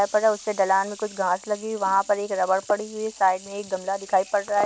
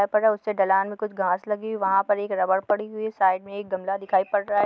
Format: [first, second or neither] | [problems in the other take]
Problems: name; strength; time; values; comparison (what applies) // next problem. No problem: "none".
second | background sound (Sink (filling or washing) / Water tap, faucet); 20 dB below the speech